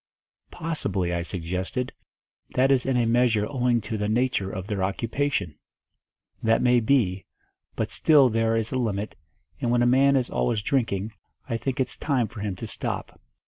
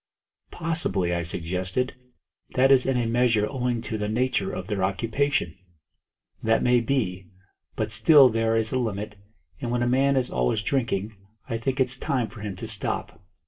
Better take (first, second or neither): first